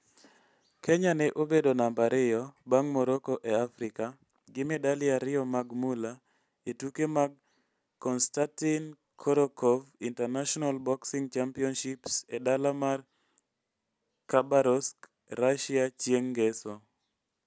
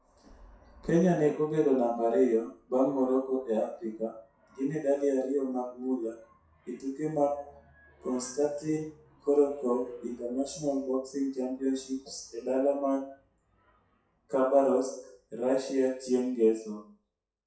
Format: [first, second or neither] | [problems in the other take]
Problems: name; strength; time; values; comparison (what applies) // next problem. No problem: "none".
first | noise reduction (classical method WPE with log-MMSE)